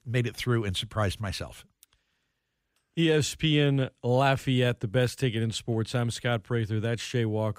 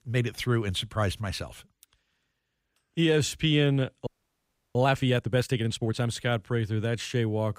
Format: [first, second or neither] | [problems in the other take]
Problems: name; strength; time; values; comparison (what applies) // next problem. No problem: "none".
first | audio freezing; at 4 s for 0.5 s